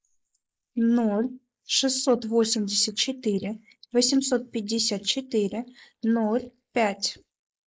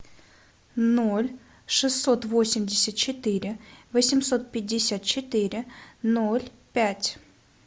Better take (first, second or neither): second